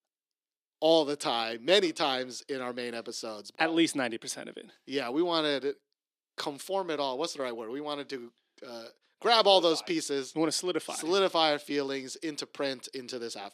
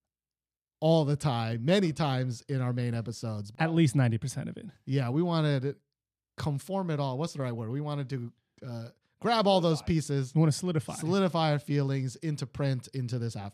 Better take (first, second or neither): second